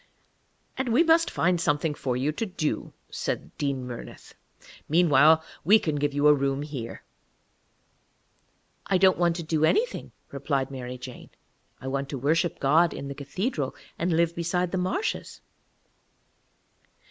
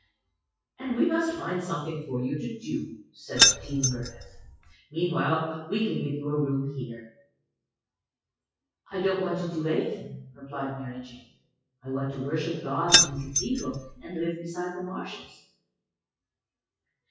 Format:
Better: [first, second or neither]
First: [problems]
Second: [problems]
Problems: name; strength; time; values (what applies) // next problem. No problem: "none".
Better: first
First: none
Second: noise reduction (classical method WPE with log-MMSE)